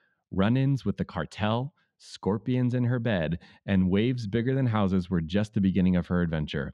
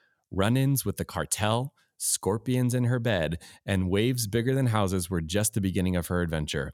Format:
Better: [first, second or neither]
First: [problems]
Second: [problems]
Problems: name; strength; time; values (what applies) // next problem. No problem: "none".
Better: second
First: muffled; slightly; fading above 3.5 kHz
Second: none